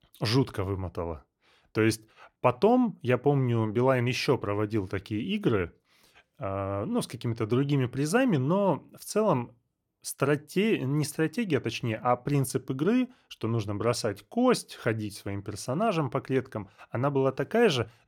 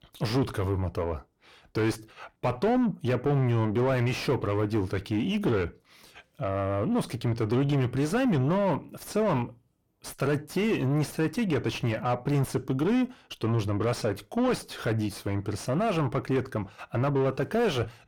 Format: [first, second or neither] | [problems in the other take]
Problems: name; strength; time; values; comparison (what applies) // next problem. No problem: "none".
first | distortion; heavy; 8 dB below the speech